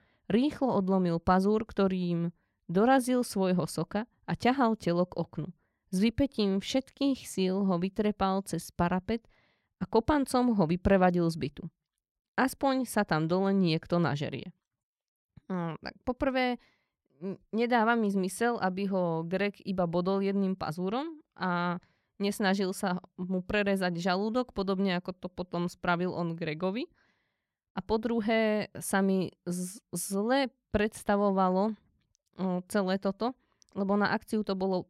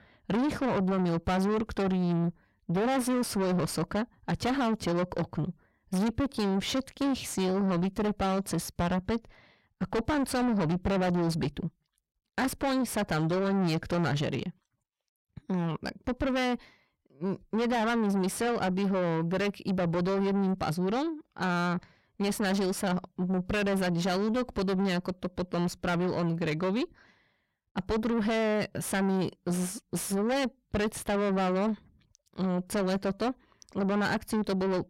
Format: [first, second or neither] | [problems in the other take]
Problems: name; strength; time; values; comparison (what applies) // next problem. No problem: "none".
first | distortion; heavy; 6 dB below the speech